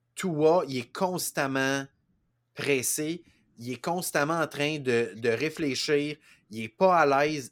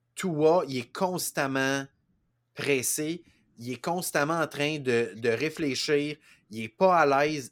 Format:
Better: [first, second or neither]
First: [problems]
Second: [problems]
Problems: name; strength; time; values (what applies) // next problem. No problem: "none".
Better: neither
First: none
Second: none